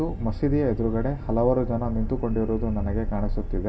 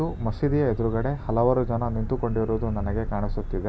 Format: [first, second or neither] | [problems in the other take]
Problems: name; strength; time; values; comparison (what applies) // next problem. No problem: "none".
second | room echo; dies away in 1.6 s